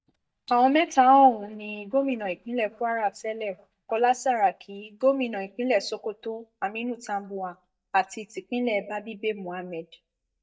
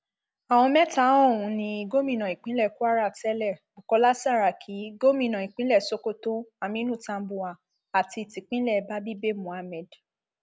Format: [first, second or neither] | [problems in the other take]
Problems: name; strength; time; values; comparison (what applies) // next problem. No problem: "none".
second | noise reduction (neural mask model DeepFilterNet 3)